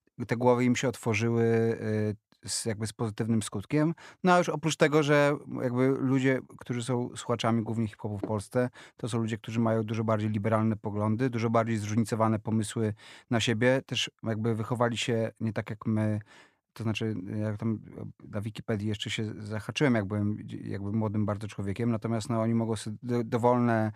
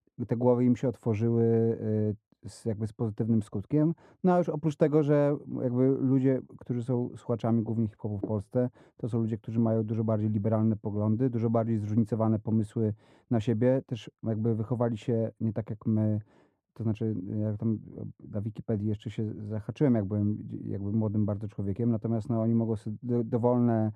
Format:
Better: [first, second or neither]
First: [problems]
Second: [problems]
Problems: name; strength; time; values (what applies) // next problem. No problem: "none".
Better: first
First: none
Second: muffled; very; fading above 1 kHz